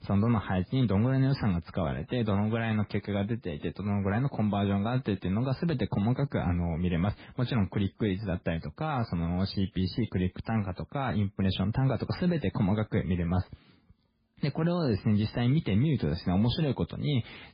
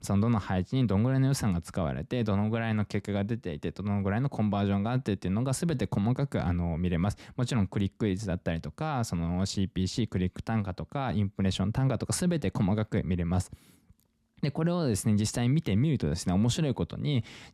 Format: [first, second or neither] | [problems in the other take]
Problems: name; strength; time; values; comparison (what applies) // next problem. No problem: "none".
second | garbled, watery; badly; nothing above 5 kHz